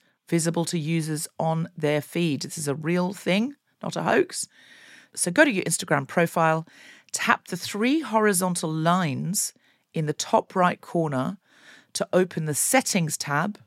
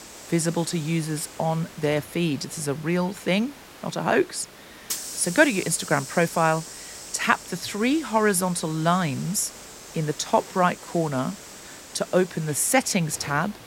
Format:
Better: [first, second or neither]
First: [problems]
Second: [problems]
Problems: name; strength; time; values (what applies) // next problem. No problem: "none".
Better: first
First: none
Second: hiss; noticeable; throughout; 15 dB below the speech